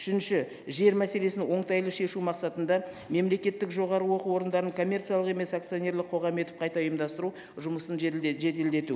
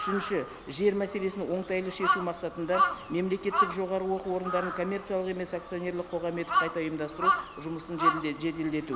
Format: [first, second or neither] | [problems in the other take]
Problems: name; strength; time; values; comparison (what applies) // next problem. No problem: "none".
first | background sound (Crow); 1 dB below the speech